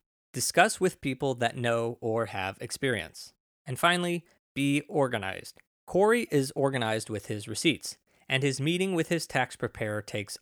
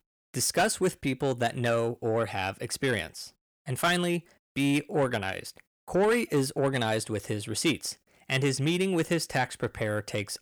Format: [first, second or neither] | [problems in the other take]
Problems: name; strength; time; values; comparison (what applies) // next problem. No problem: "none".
first | distortion; slight; 10 dB below the speech